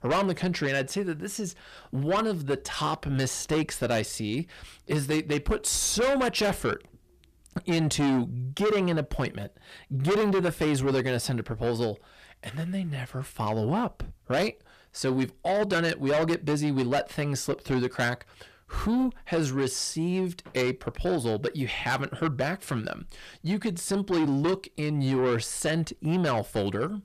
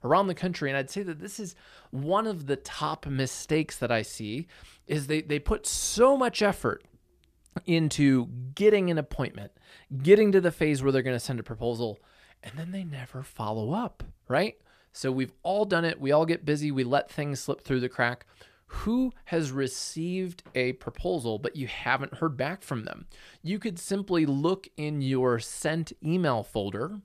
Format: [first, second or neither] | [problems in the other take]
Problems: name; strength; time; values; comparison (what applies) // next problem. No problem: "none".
second | distortion; heavy; 6 dB below the speech